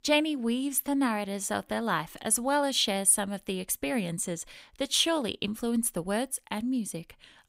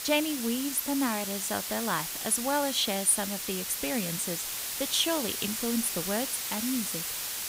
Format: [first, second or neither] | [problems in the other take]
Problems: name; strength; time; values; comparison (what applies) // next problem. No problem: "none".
first | hiss; loud; throughout; 2 dB below the speech